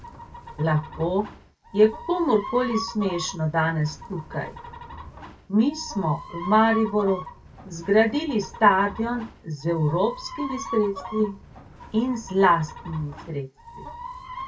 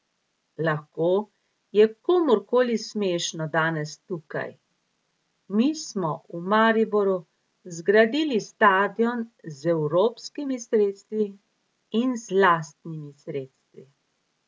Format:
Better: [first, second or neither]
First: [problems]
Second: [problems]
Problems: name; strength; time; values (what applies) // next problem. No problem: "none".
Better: second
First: background sound (Chicken, rooster); 13 dB below the speech // room echo; dies away in 0.2 s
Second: none